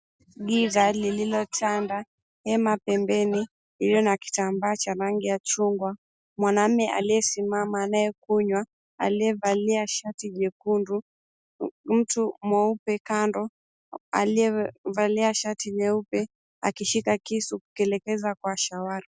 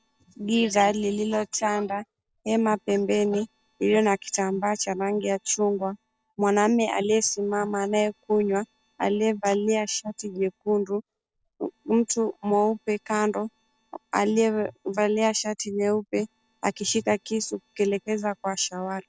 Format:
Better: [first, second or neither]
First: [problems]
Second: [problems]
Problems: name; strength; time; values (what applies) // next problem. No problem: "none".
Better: first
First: none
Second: noise reduction (neural separator model SepFormer DNS4)